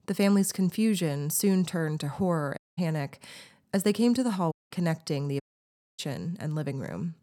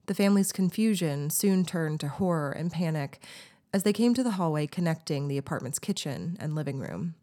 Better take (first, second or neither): second